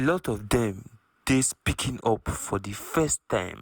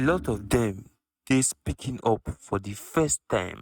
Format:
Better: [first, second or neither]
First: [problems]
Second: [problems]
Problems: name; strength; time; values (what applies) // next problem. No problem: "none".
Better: first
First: none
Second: noise reduction (neural mask model RNNoise)